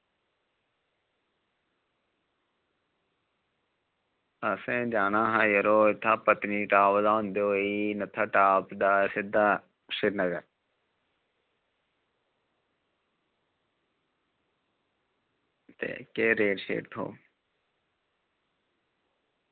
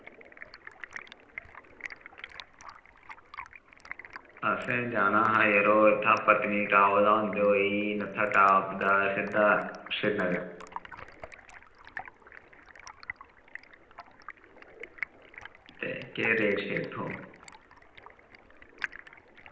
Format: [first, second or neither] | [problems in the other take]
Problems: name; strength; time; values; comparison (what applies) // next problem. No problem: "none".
first | background sound (Stream); 16 dB below the speech // room echo; dies away in 0.8 s